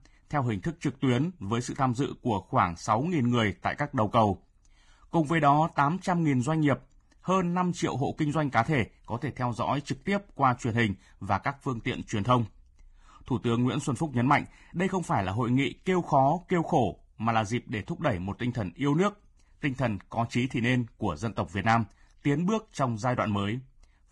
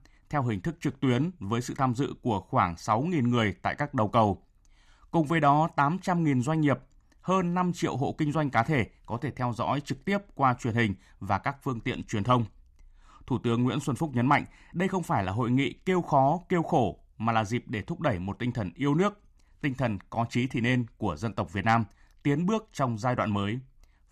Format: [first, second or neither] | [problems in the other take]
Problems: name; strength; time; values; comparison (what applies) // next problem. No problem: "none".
second | garbled, watery; badly